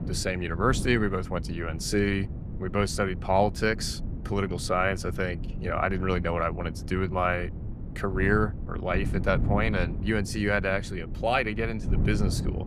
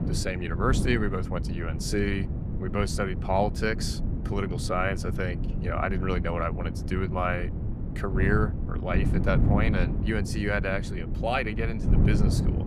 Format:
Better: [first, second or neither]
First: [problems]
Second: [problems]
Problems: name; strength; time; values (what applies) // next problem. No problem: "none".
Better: first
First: wind noise on the microphone; occasional gusts; 15 dB below the speech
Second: wind noise on the microphone; heavy; 9 dB below the speech